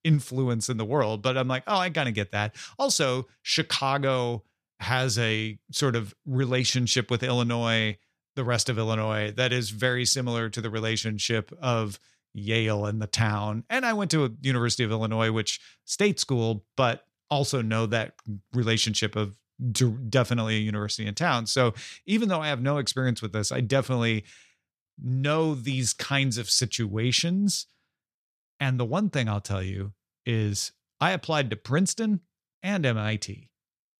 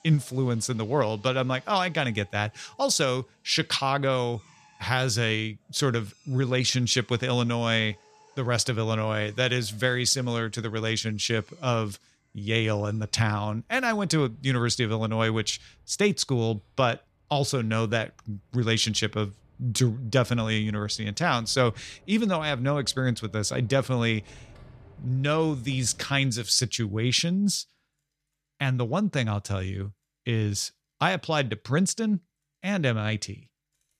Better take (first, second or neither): first